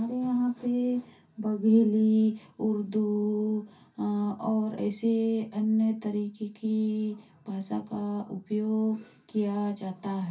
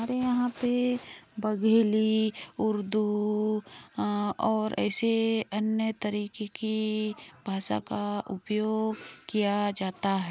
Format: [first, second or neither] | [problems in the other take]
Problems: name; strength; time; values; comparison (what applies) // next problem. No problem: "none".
second | room echo; dies away in 0.3 s